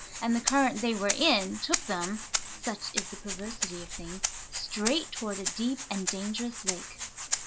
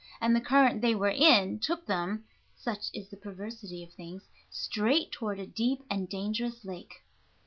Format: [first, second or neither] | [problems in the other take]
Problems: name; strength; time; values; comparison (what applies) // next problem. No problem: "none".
second | background sound (Rattle (instrument)); 3 dB below the speech